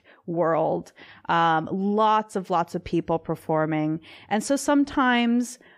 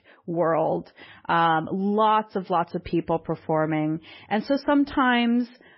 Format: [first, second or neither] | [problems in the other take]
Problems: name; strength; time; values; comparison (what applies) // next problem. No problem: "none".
first | garbled, watery; badly; nothing above 5.5 kHz